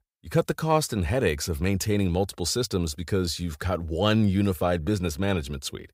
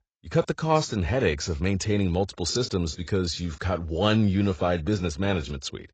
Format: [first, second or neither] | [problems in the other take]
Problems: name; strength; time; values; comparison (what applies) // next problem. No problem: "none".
first | garbled, watery; badly; nothing above 7.5 kHz